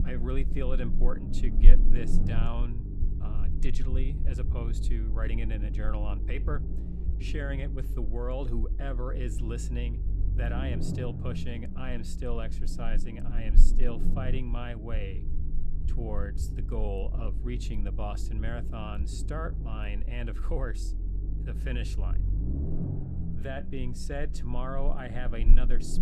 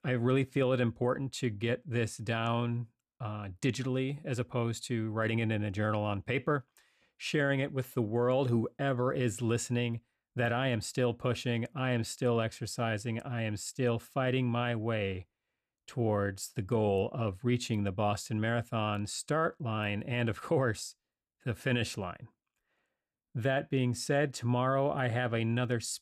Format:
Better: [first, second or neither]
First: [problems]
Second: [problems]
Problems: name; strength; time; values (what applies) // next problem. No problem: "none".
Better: second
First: low rumble; loud; throughout; 7 dB below the speech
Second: none